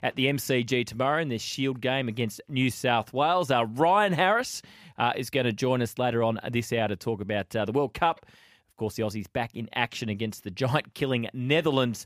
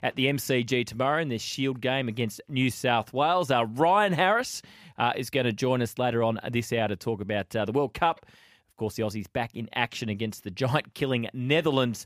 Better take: neither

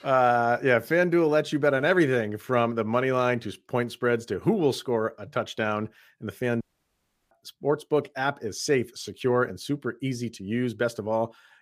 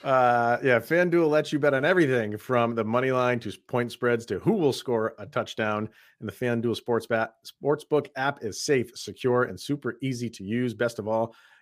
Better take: second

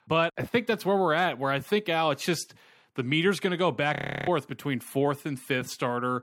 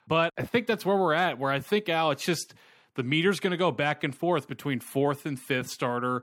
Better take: second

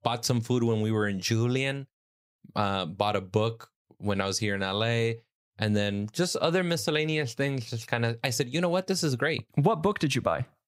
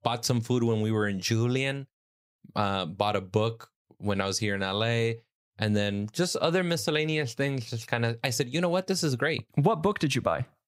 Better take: neither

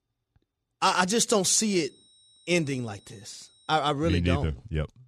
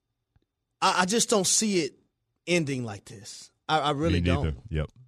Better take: second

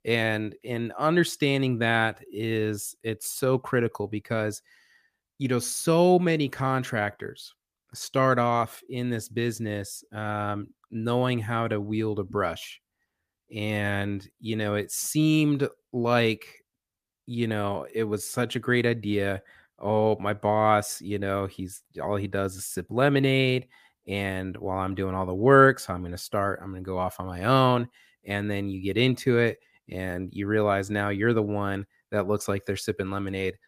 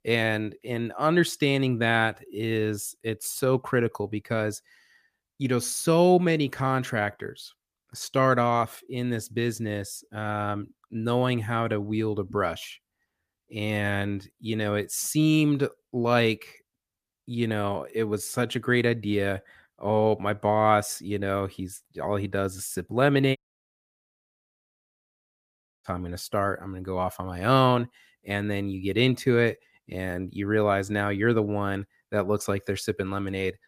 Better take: first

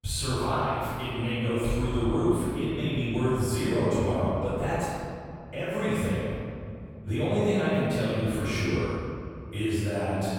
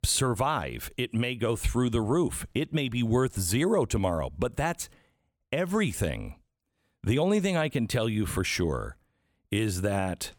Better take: second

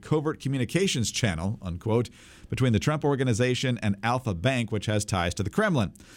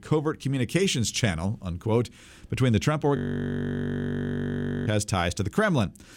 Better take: first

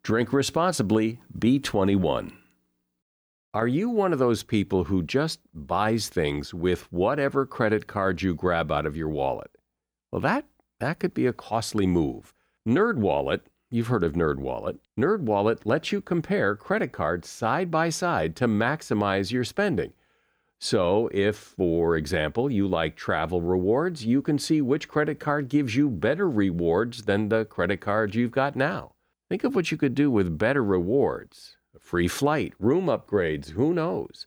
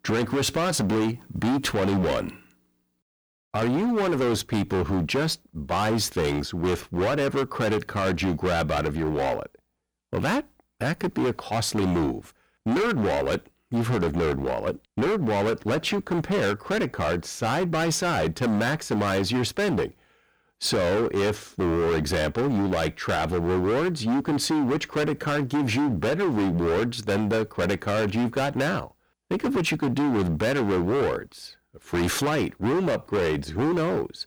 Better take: first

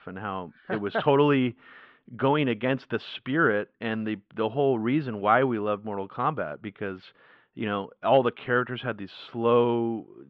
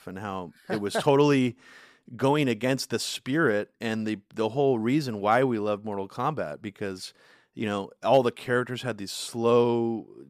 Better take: second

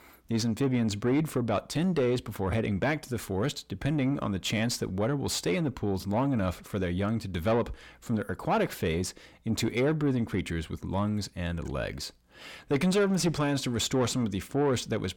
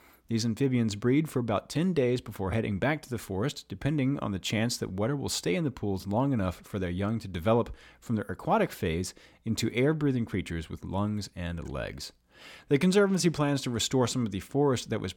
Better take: second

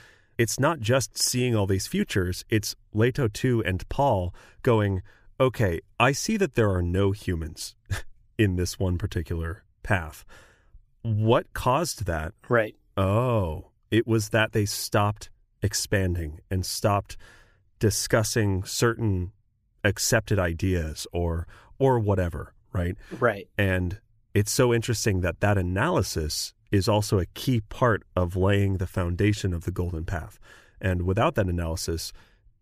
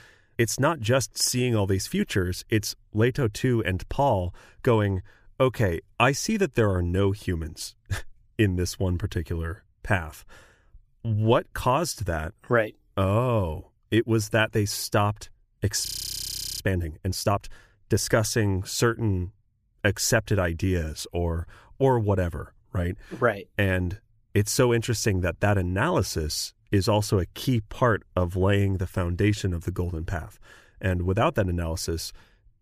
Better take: first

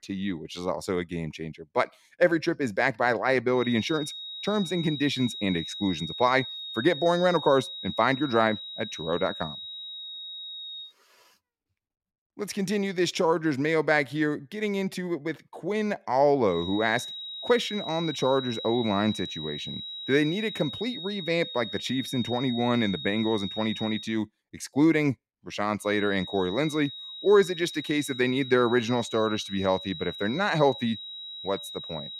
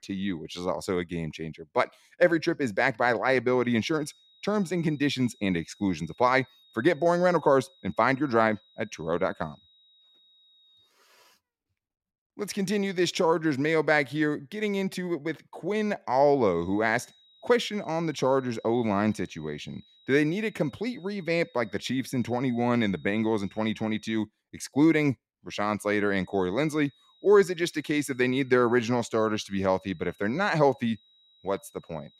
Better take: second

